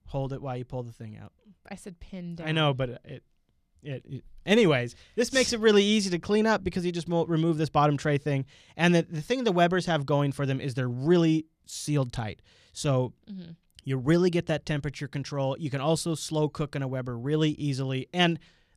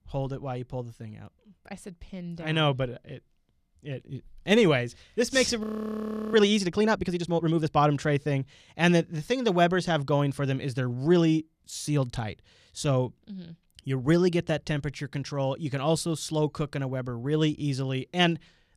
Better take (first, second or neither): first